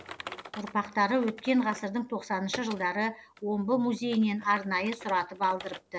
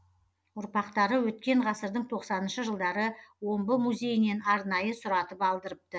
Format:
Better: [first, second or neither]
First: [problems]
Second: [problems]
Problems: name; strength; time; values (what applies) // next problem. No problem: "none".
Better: second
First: background sound (Typing); 17 dB below the speech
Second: none